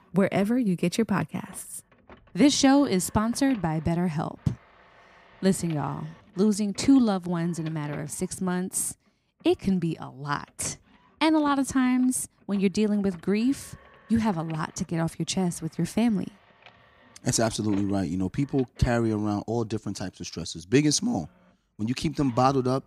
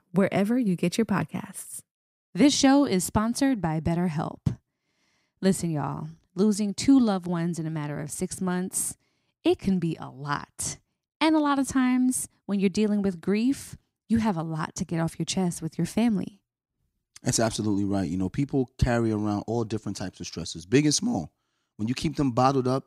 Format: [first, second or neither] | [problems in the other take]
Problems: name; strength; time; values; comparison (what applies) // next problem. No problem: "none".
second | household noises; faint; throughout; 25 dB below the speech